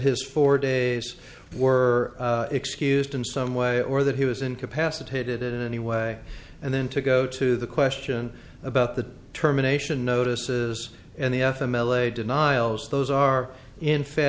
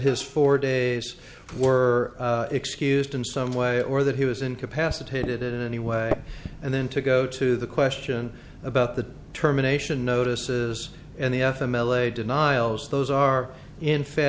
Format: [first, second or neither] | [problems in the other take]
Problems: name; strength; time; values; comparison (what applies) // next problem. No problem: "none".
first | background sound (Microwave oven); 17 dB below the speech